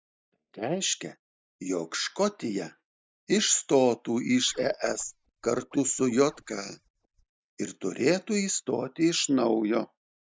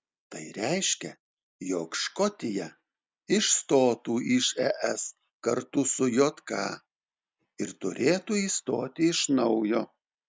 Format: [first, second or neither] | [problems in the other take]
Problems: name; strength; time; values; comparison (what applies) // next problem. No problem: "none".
second | noise reduction (neural mask model DeepFilterNet 3)